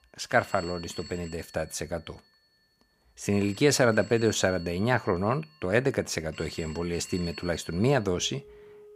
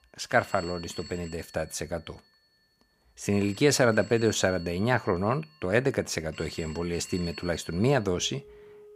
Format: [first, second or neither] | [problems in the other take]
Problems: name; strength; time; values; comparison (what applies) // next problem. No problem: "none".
neither | alarms or sirens; noticeable; throughout; 20 dB below the speech; the same in both